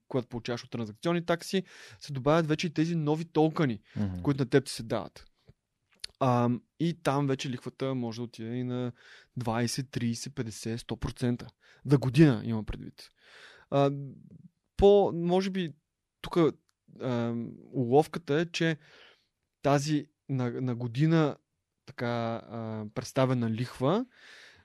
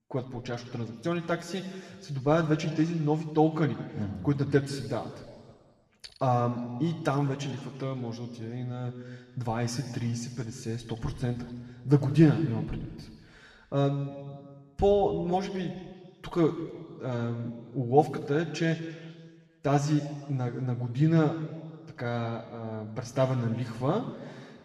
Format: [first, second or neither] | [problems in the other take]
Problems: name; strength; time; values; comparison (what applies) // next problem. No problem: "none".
first | room echo; slight; dies away in 1.6 s // off-mic speech; somewhat distant